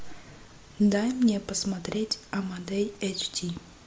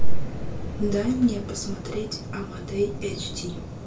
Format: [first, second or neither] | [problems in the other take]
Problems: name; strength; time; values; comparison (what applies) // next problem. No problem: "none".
first | background sound (Waves, surf); 13 dB below the speech // room echo; dies away in 0.2 s